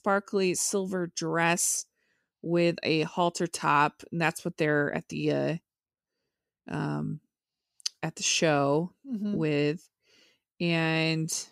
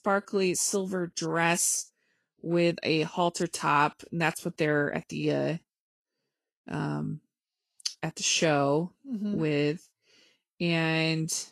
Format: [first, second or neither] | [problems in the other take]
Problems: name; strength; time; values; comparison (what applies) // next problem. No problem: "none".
first | garbled, watery; slightly; nothing above 11.5 kHz